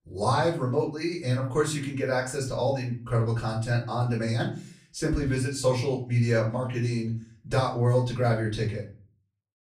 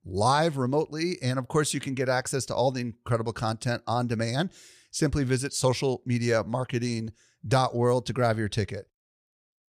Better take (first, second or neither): second